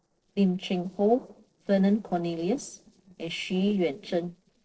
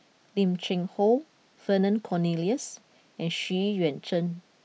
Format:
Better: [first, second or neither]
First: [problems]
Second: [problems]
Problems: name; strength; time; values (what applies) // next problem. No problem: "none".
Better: second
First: noise reduction (neural separator model SepFormer DNS4)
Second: none